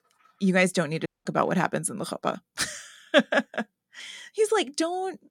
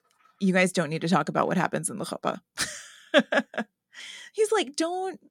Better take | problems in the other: second | audio cutting out; at 1 s

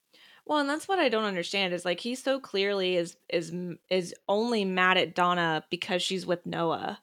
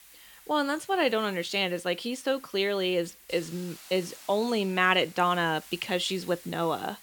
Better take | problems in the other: first | hiss; noticeable; throughout; 20 dB below the speech

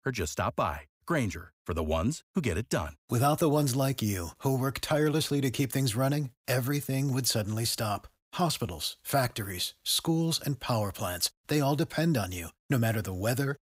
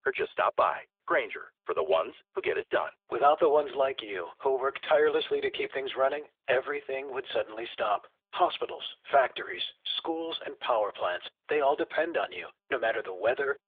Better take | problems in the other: first | phone-call audio; nothing above 3.5 kHz

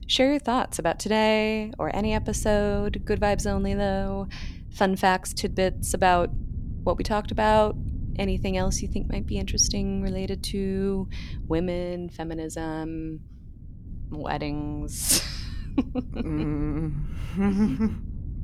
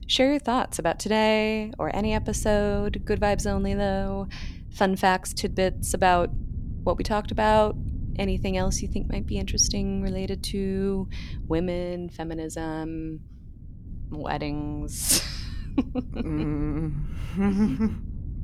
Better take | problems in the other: neither | wind noise on the microphone; occasional gusts; 25 dB below the speech; the same in both

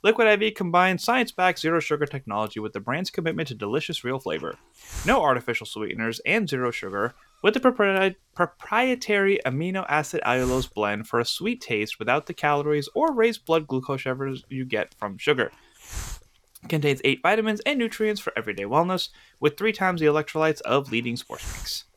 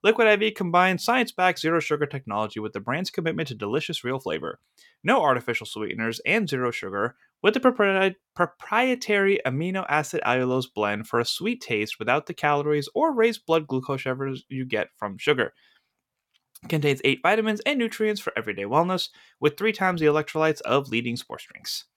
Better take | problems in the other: second | hiss; noticeable; throughout; 20 dB below the speech

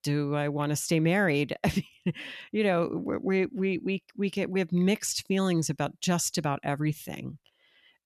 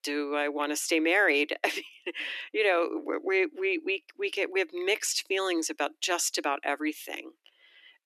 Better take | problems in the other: first | thin; somewhat; fading below 300 Hz

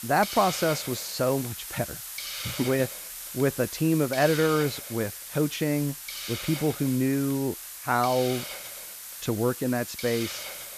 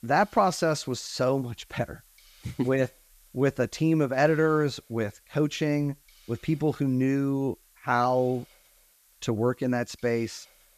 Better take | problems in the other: second | hiss; loud; throughout; 8 dB below the speech; faint in the second

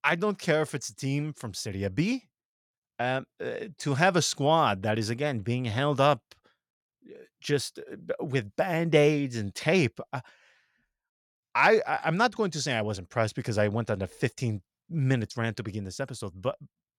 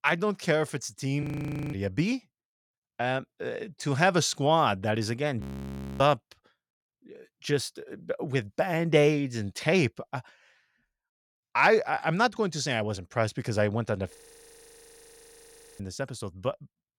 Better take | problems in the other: first | audio freezing; at 1 s for 0.5 s, at 5.5 s for 0.5 s and at 14 s for 1.5 s

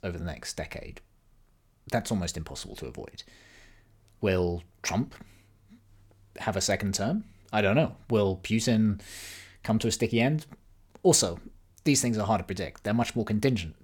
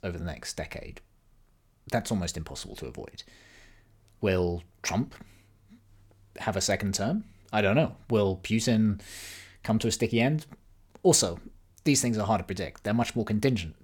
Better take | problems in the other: neither | none

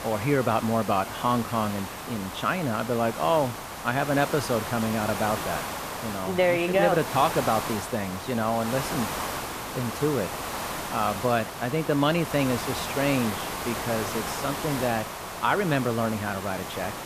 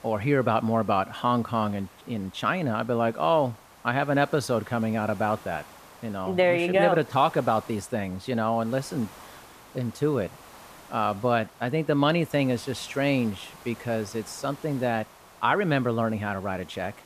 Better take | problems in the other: second | hiss; loud; throughout; 6 dB below the speech; faint in the second

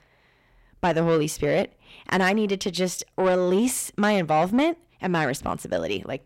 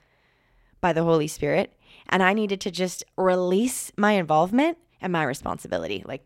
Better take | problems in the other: second | distortion; slight; 10 dB below the speech

